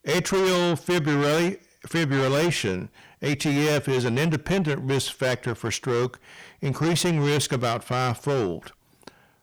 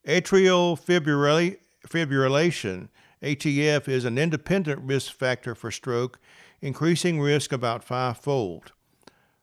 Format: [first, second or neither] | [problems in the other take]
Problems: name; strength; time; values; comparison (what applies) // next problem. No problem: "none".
second | distortion; heavy; 6 dB below the speech